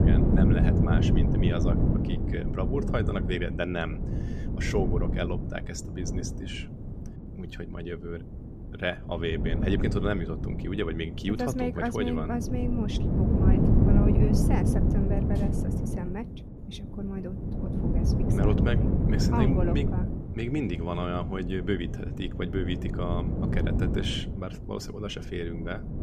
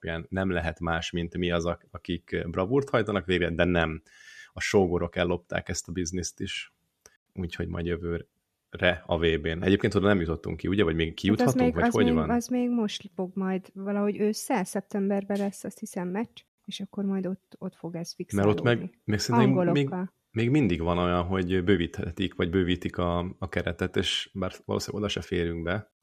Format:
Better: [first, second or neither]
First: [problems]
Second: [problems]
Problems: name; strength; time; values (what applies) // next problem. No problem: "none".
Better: second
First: wind noise on the microphone; heavy; 2 dB below the speech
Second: none